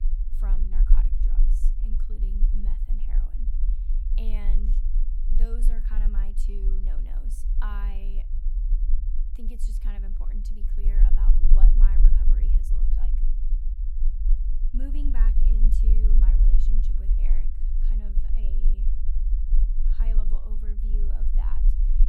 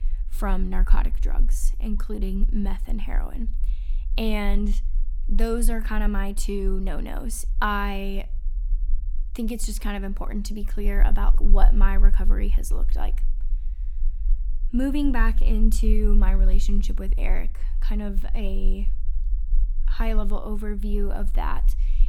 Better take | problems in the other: second | low rumble; loud; throughout; 3 dB below the speech; faint in the second

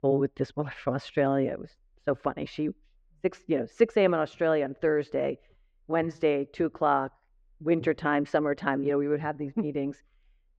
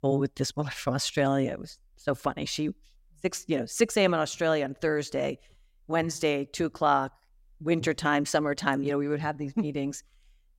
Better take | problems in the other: second | muffled; very; fading above 2 kHz

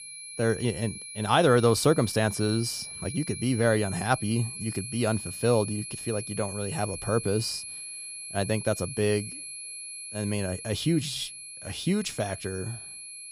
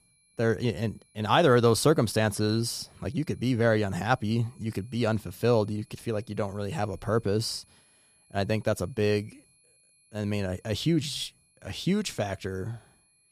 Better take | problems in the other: second | high-pitched whine; loud; throughout; 11 kHz, 9 dB below the speech; faint in the second

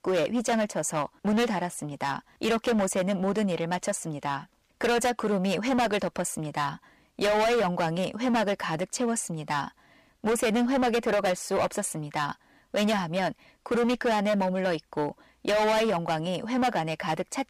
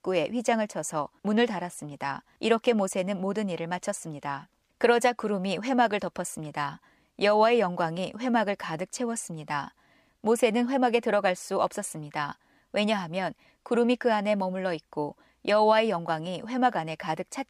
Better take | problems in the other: second | distortion; heavy; 15% of the sound clipped

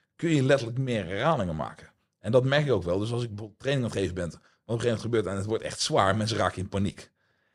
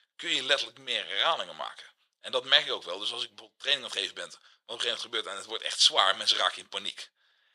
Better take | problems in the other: first | thin; very; fading below 900 Hz

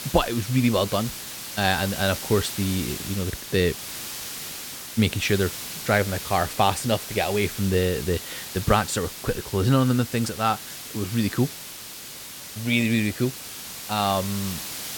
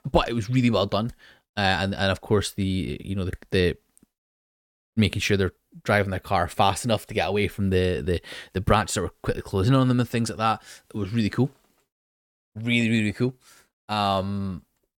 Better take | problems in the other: second | hiss; loud; throughout; 9 dB below the speech

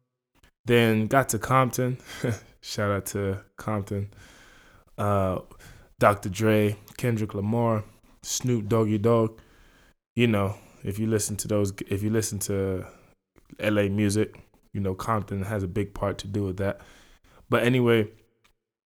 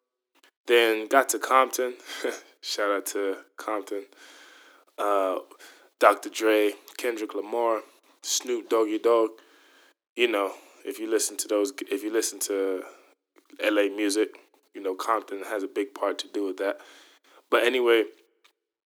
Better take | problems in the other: first | thin; very; fading below 300 Hz

